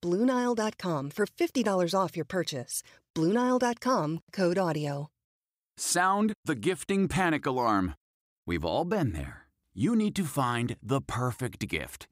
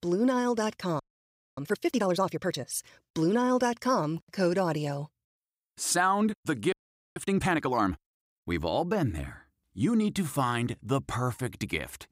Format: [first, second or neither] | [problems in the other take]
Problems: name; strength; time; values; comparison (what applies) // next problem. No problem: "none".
first | audio freezing; at 1 s for 0.5 s and at 6.5 s